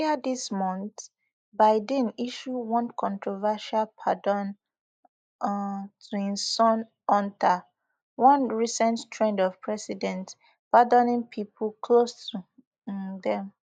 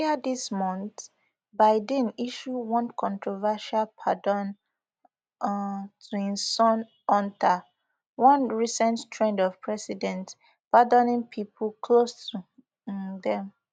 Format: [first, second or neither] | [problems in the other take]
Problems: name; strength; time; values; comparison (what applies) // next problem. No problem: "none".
second | noise reduction (neural mask model Resemble Enhance denoiser)